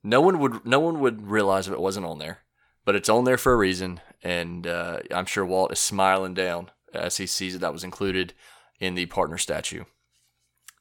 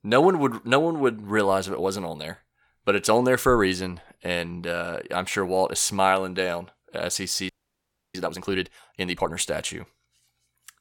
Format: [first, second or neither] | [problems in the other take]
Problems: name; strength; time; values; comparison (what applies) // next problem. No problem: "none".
first | audio freezing; at 7.5 s for 0.5 s